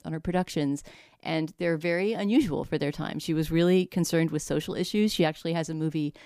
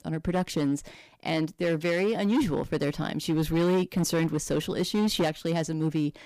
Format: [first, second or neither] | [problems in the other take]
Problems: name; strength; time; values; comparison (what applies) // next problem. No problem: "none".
first | distortion; slight; 10% of the sound clipped